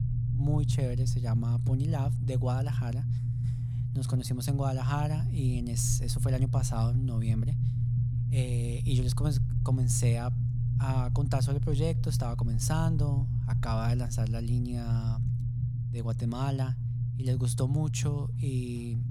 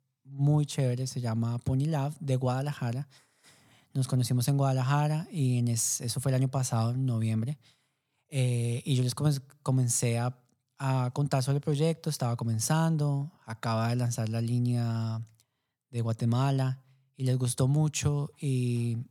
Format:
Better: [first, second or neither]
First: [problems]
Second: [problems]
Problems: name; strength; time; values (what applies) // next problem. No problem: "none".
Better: second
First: low rumble; loud; throughout; 5 dB below the speech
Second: none